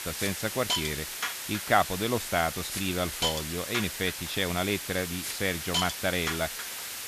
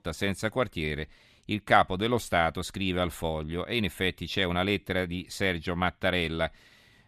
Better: second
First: hiss; loud; throughout; 2 dB below the speech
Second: none

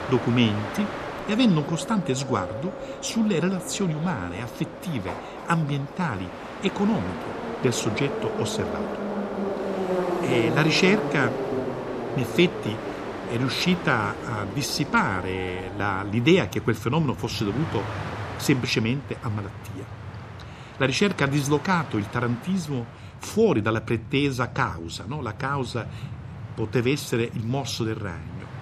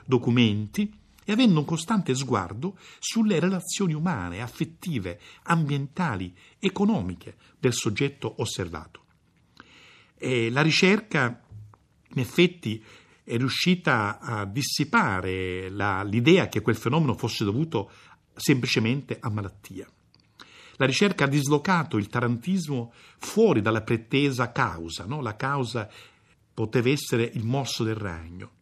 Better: second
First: train or aircraft noise; loud; throughout; 8 dB below the speech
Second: none

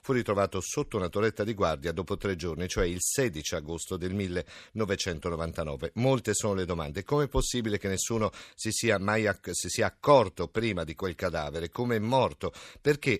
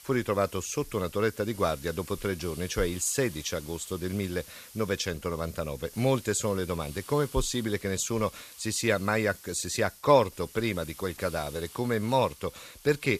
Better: first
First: none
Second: hiss; noticeable; throughout; 15 dB below the speech

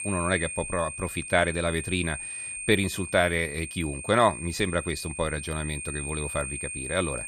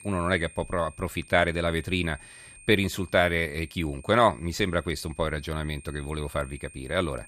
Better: second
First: high-pitched whine; loud; throughout; 2.5 kHz, 7 dB below the speech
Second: high-pitched whine; faint; throughout; 2.5 kHz, 20 dB below the speech

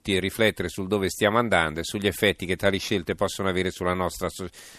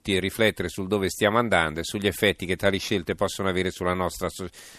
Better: neither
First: none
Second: none

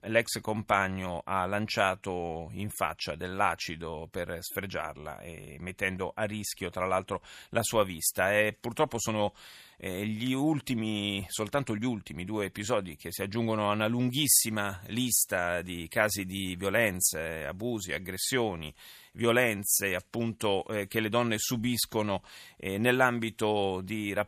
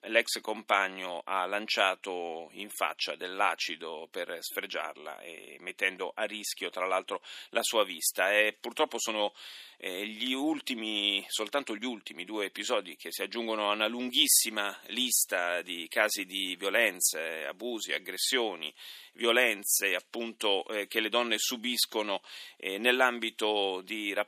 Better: first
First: none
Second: thin; somewhat; fading below 250 Hz

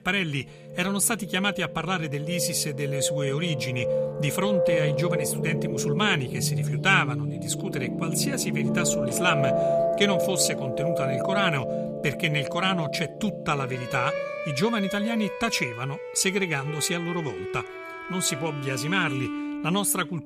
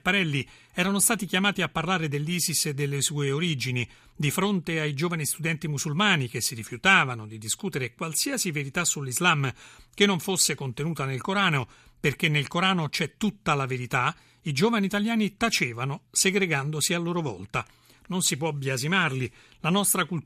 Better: second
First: background music; loud; throughout; 3 dB below the speech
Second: none

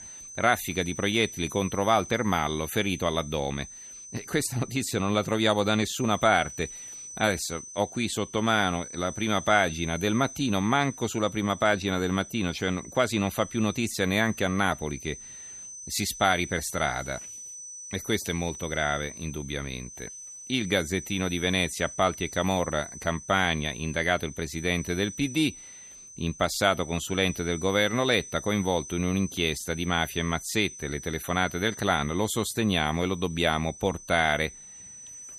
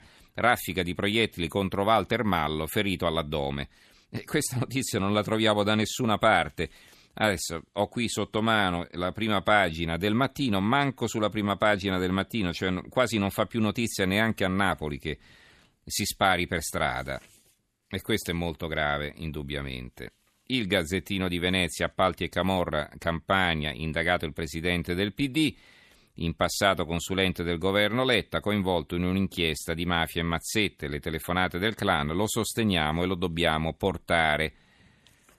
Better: second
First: high-pitched whine; noticeable; throughout; 6 kHz, 15 dB below the speech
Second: none

